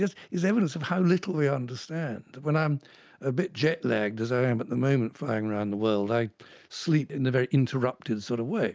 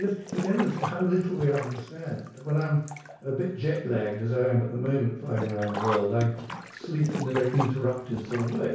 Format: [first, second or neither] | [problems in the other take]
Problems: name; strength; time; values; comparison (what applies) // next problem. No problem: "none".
first | background sound (Sink (filling or washing)); 10 dB below the speech // room echo; dies away in 0.6 s